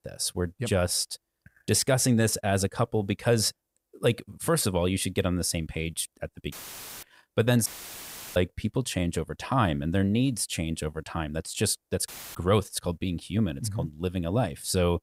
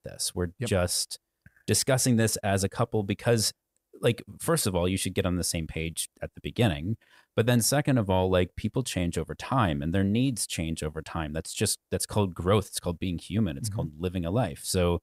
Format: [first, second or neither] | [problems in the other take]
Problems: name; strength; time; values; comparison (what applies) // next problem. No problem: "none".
second | audio cutting out; filled with static; at 6.5 s for 0.5 s, at 7.5 s for 0.5 s and at 12 s